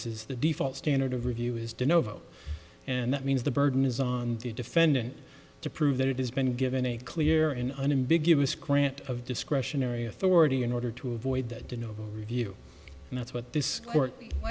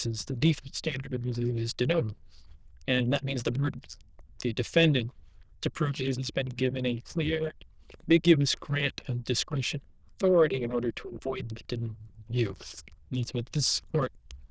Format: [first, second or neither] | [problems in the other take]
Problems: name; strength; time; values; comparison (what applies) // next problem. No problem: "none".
first | noise reduction (neural diffusion model UNIVERSE++)